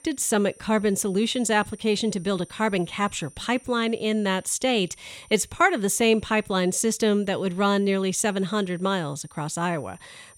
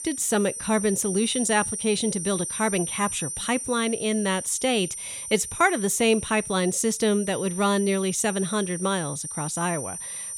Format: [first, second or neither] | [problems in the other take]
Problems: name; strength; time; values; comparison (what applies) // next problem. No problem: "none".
first | high-pitched whine; loud; throughout; 9 kHz, 6 dB below the speech; faint in the first